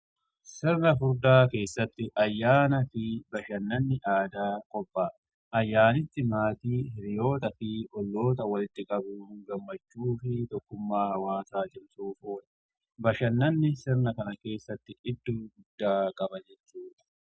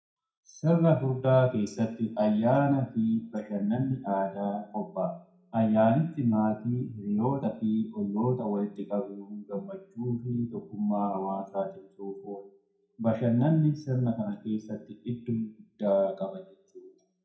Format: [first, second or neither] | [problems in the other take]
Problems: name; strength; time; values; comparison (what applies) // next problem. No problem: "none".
first | room echo; dies away in 0.5 s